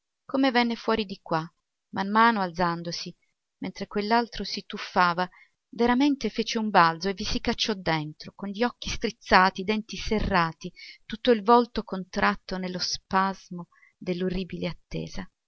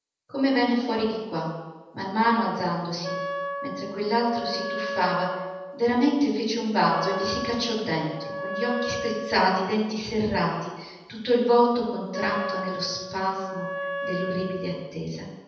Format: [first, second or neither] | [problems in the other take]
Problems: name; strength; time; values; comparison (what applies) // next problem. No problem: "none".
first | background sound (Wind instrument, woodwind instrument); 7 dB below the speech // room echo; dies away in 1.1 s